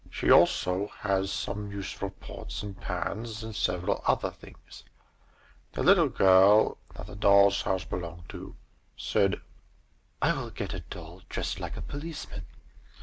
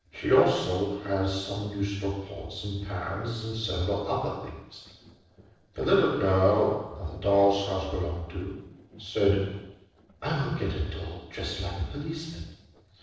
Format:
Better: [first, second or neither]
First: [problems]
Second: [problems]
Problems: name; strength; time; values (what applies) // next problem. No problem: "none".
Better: first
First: none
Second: noise reduction (neural separator model SepFormer DNS4)